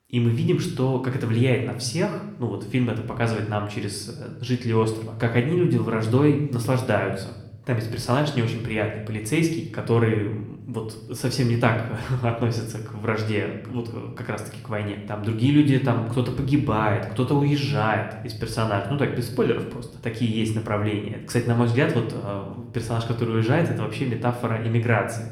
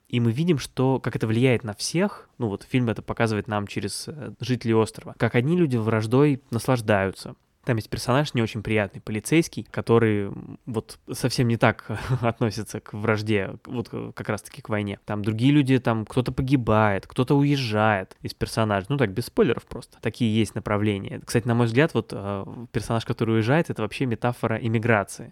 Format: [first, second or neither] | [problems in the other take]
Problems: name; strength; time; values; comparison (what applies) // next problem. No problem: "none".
second | room echo; slight; dies away in 0.7 s